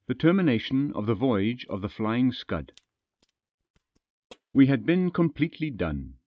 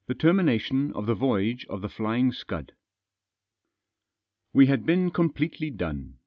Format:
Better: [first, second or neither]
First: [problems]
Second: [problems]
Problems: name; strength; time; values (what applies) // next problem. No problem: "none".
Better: second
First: noise reduction (neural mask model RNNoise)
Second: none